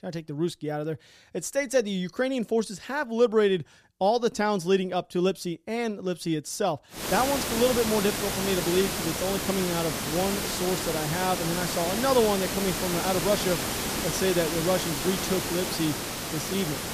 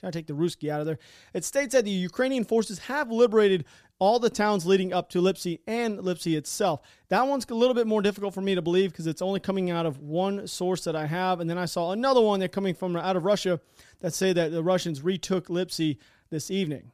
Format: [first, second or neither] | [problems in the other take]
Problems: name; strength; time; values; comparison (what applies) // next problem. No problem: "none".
second | hiss; loud; from 7 s on; 1 dB below the speech